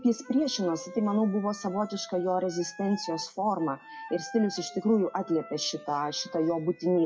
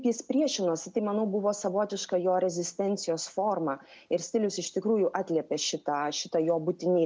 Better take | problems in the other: second | noise reduction (classical method WPE with log-MMSE)

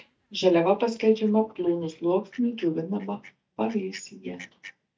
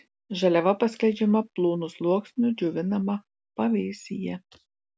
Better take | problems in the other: second | noise reduction (neural mask model DeepFilterNet 3)

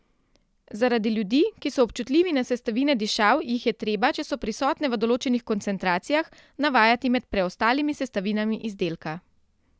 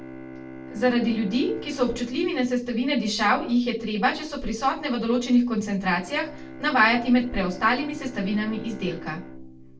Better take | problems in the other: first | background sound (Bowed string instrument); 17 dB below the speech // room echo; dies away in 0.3 s

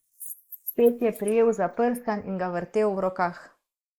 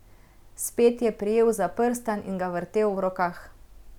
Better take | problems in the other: second | noise reduction (neural mask model Resemble Enhance denoiser)

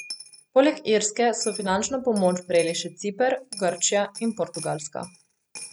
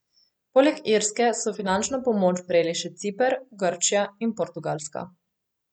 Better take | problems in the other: second | background sound (Coin (dropping)); 17 dB below the speech

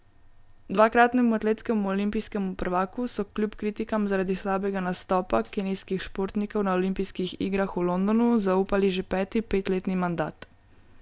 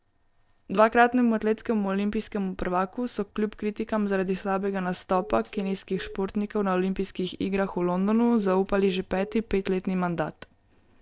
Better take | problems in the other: first | noise reduction (neural separator model SepFormer DNS4)

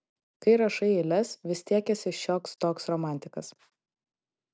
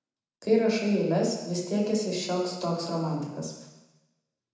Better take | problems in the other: first | room echo; dies away in 1 s

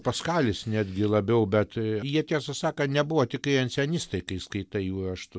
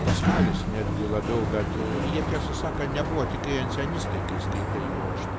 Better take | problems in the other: first | background sound (Sliding door); 4 dB above the speech

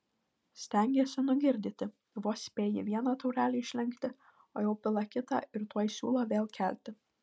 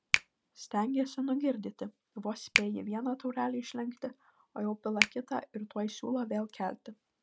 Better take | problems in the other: first | background sound (Finger snapping); 3 dB below the speech

